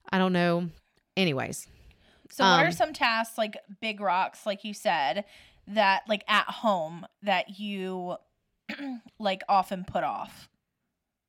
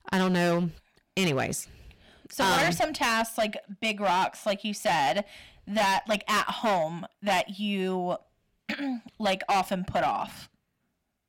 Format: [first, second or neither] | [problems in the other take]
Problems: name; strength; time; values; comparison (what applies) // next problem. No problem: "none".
first | distortion; heavy; 12% of the sound clipped